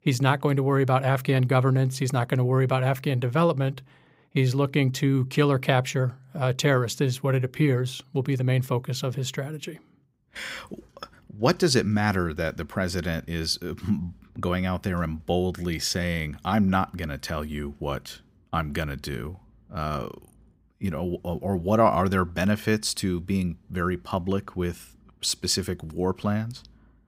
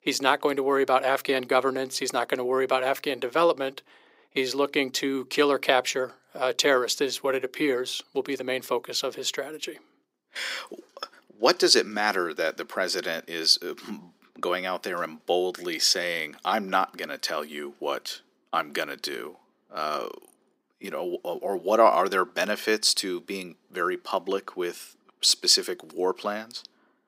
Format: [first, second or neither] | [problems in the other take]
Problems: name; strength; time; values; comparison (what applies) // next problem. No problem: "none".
first | thin; somewhat; fading below 300 Hz